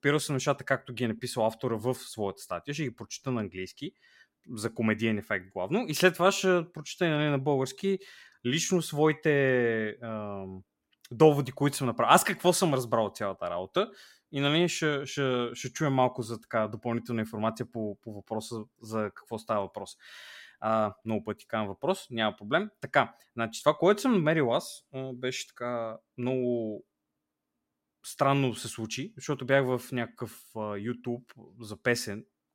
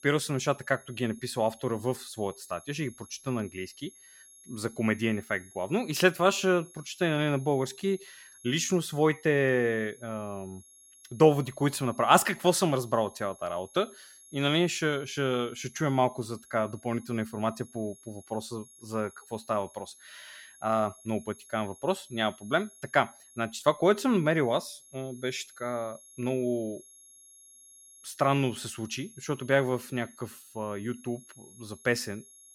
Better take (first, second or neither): first